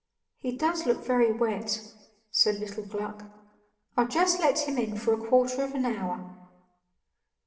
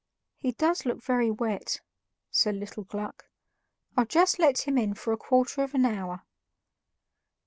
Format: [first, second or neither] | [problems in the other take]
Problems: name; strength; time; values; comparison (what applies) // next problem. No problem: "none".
second | room echo; dies away in 0.8 s